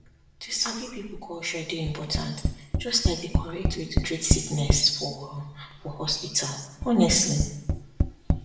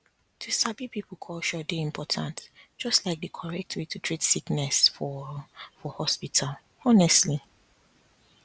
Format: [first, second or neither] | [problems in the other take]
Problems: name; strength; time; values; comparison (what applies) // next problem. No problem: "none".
second | background sound (Tap); 1 dB below the speech // room echo; dies away in 0.9 s